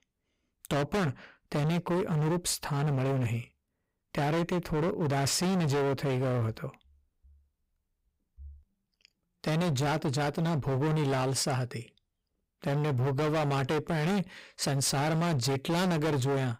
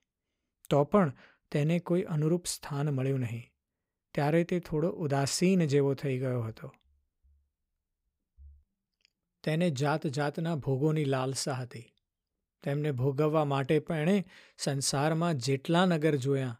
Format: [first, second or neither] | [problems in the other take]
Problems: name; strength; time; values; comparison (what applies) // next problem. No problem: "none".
second | distortion; heavy; 26% of the sound clipped